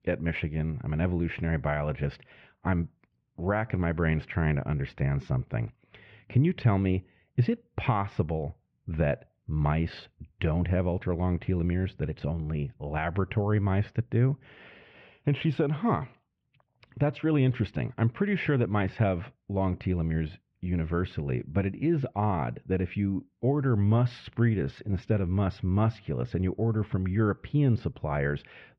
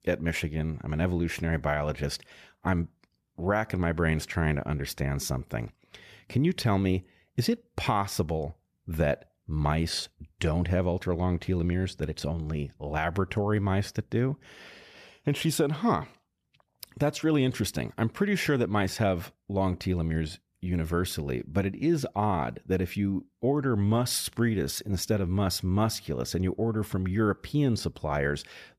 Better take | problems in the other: second | muffled; very; fading above 2.5 kHz

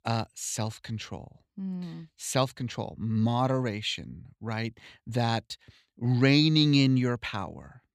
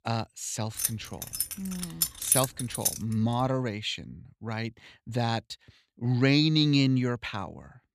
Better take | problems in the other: first | jangling keys; loud; from 1 to 3 s; peak 5 dB above the speech

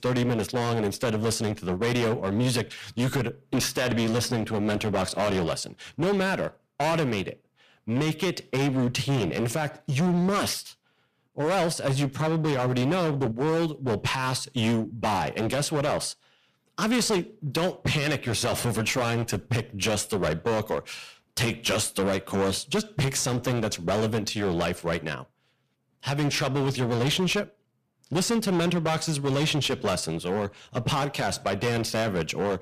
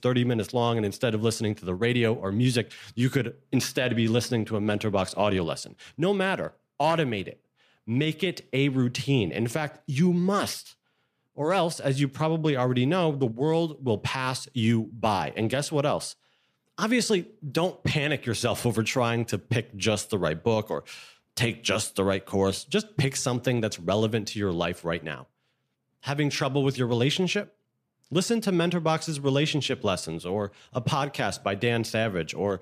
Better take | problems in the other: second | distortion; heavy; 18% of the sound clipped

